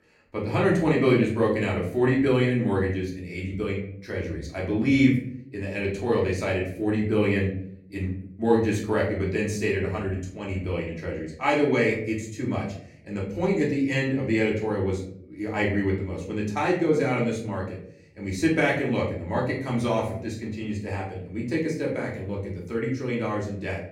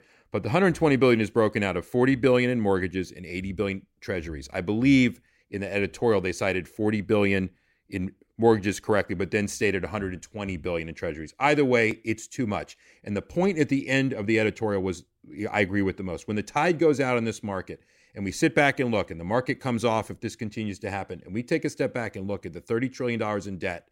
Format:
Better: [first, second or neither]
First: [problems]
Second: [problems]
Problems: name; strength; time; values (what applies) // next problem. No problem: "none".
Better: second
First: off-mic speech; far // room echo; slight; dies away in 0.7 s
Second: none